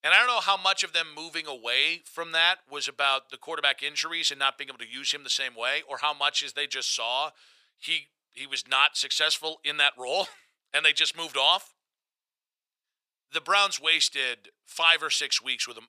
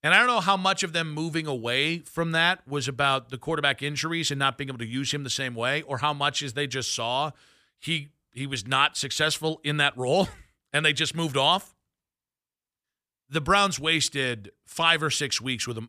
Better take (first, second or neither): second